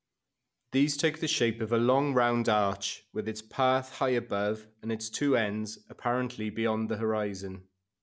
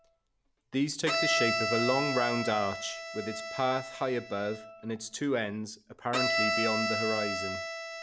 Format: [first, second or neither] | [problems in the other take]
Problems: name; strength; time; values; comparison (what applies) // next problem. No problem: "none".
first | background sound (Bowed string instrument); 1 dB below the speech